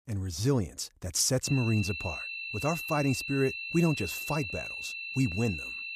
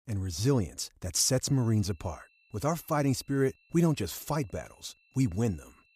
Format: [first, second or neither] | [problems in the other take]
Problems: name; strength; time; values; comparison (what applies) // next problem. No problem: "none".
second | high-pitched whine; loud; from 1.5 s on; 2.5 kHz, 5 dB below the speech; faint in the second